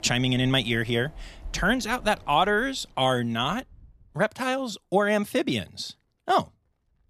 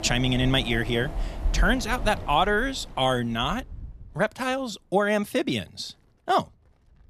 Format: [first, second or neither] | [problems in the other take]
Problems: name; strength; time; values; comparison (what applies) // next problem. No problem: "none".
first | wind in the background; loud; throughout; 10 dB below the speech; faint in the first